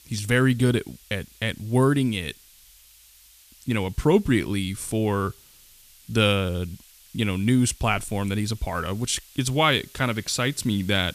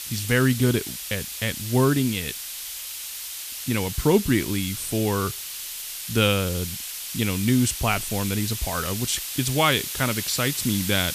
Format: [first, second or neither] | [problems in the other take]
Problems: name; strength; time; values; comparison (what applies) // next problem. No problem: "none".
first | hiss; loud; throughout; 6 dB below the speech; faint in the first